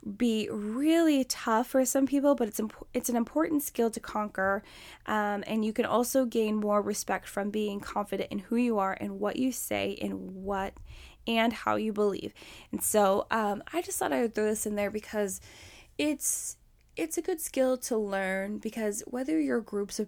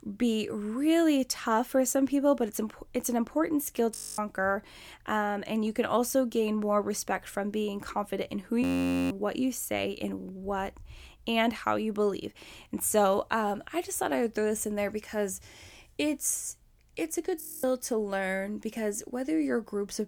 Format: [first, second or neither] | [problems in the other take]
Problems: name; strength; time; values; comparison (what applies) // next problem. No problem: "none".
first | audio freezing; at 4 s, at 8.5 s and at 17 s